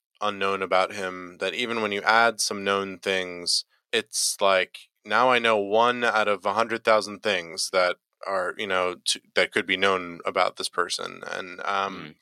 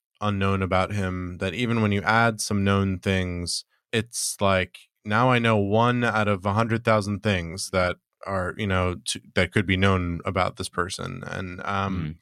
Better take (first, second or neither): second